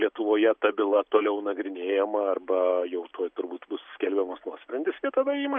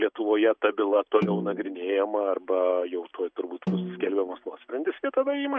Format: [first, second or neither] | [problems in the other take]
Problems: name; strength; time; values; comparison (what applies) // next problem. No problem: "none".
first | noise reduction (neural mask model RNNoise)